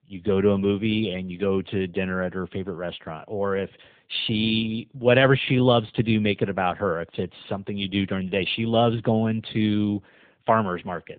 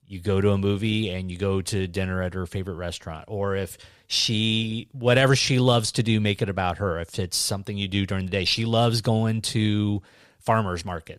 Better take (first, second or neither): second